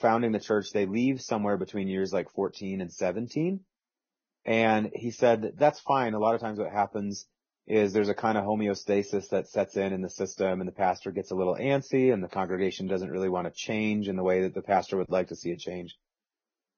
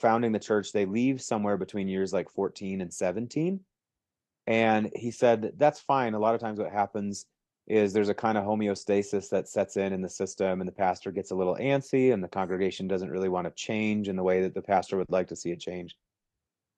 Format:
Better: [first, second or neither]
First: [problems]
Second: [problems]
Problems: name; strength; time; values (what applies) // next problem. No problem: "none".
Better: second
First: garbled, watery; badly; nothing above 6.5 kHz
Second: garbled, watery; slightly; nothing above 13 kHz